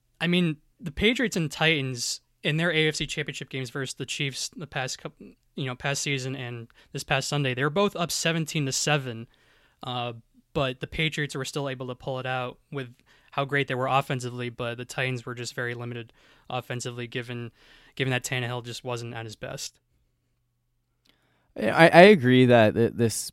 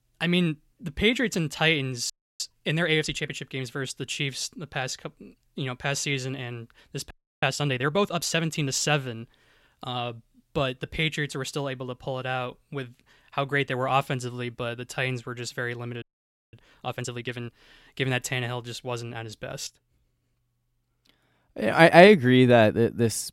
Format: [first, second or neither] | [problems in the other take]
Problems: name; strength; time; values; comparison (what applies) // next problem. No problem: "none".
first | audio freezing; at 2 s, at 7 s and at 16 s for 0.5 s